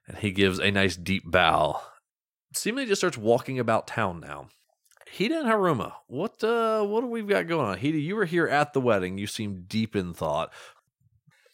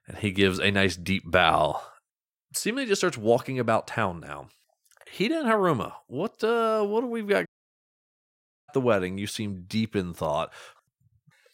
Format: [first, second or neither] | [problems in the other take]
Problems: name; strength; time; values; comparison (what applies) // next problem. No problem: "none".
first | audio cutting out; at 7.5 s for 1 s